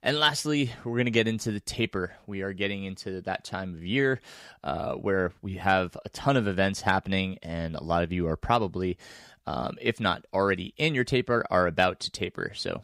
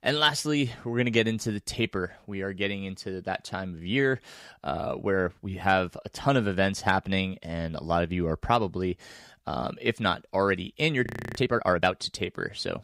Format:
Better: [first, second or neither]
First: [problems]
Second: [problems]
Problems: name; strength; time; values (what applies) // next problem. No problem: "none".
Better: first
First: none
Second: audio freezing; at 11 s